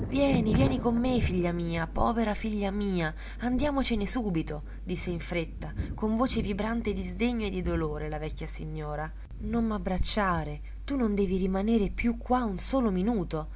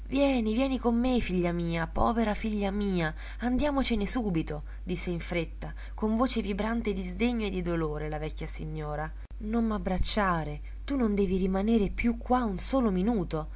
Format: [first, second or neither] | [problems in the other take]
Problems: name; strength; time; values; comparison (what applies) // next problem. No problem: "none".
second | background sound (Thunder); 10 dB below the speech